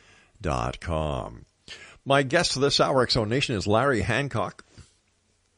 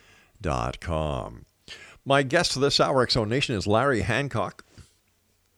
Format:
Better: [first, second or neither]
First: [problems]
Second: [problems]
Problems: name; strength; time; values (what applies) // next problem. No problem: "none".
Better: second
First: garbled, watery; slightly; nothing above 9.5 kHz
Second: none